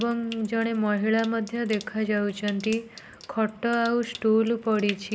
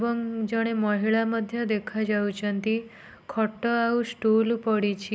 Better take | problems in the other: second | background sound (Trickle, dribble / Sink (filling or washing) / Water tap, faucet); 19 dB below the speech

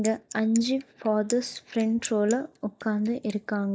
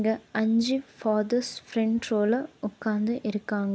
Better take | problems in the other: second | noise reduction (neural mask model DeepFilterNet 3)

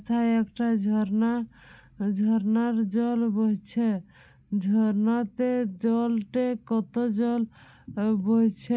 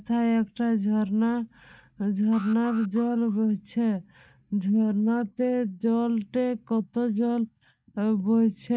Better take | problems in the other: first | noise reduction (neural mask model DeepFilterNet 3)

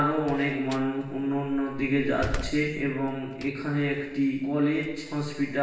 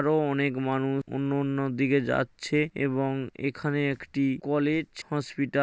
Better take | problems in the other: second | background sound (Slam); 12 dB below the speech // room echo; dies away in 0.9 s

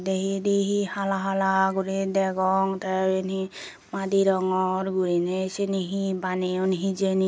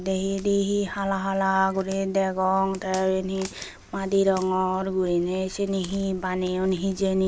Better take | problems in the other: first | background sound (Walk, footsteps); 19 dB below the speech

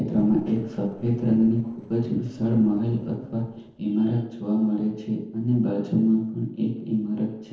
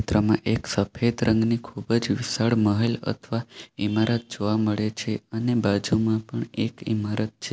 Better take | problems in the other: second | noise reduction (neural separator model SepFormer DNS4)

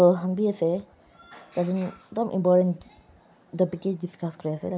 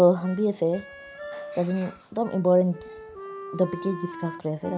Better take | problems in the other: first | background sound (Wind instrument, woodwind instrument); 15 dB below the speech

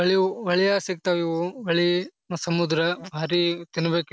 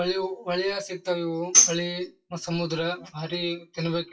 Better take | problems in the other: first | noise reduction (classical method WPE with log-MMSE)

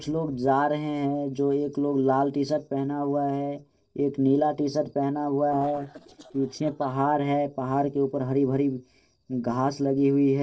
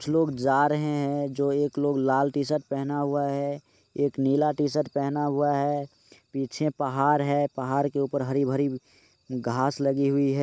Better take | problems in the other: second | noise reduction (neural separator model SepFormer DNS4)

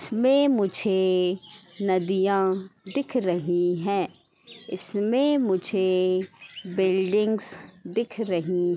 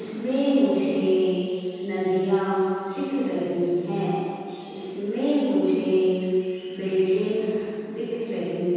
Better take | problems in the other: first | room echo; dies away in 2.1 s

